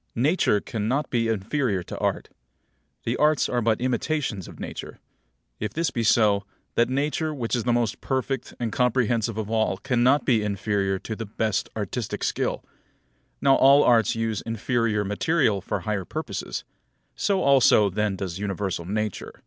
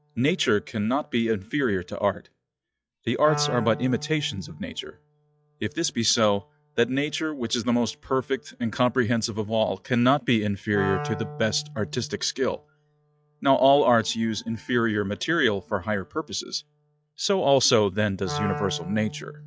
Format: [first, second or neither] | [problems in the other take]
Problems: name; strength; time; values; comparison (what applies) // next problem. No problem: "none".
first | noise reduction (classical method log-MMSE)